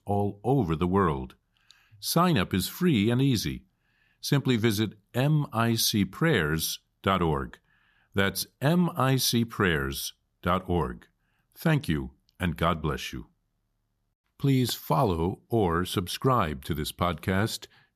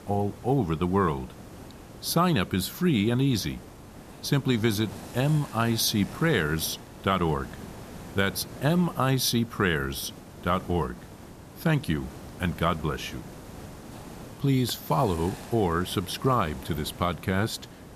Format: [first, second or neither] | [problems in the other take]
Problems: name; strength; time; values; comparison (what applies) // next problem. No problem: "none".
first | hiss; noticeable; throughout; 15 dB below the speech